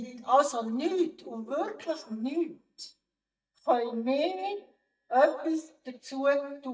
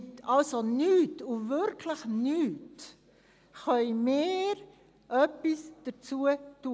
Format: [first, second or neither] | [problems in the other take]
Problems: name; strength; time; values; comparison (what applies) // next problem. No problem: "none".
second | noise reduction (neural mask model DeepFilterNet 3)